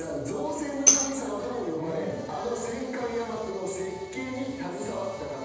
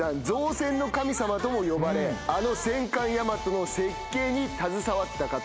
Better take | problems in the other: second | background sound (Tambourine); 5 dB above the speech // room echo; dies away in 1.1 s

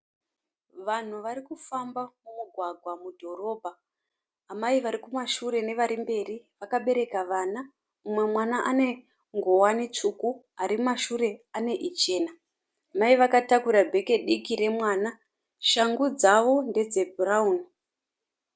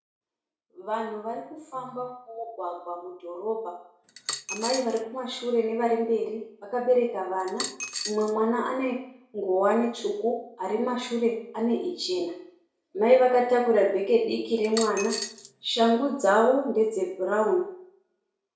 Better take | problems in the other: first | background sound (Coin (dropping)); 9 dB below the speech // room echo; dies away in 0.6 s

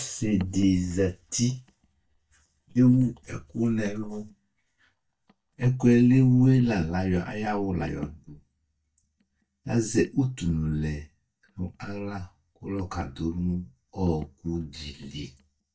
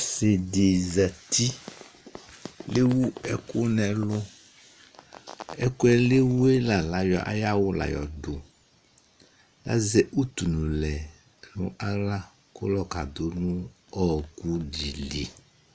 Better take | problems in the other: second | noise reduction (neural mask model DeepFilterNet 3)

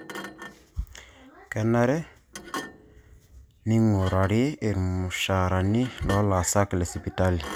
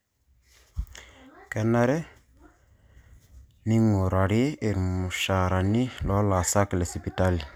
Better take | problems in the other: second | background sound (Thump, thud); 17 dB below the speech

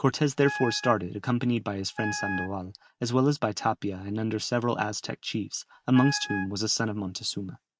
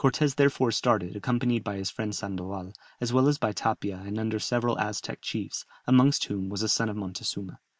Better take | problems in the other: second | noise reduction (neural mask model RNNoise)

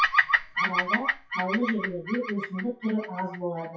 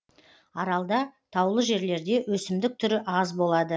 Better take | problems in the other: second | noise reduction (classical method WPE with log-MMSE)

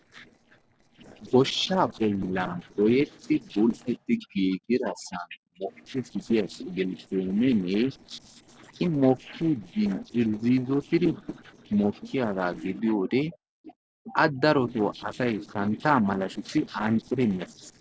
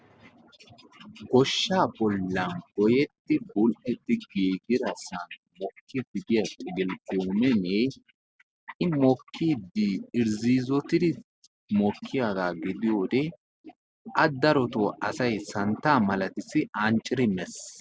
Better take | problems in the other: second | noise reduction (neural separator model SepFormer DNS4)

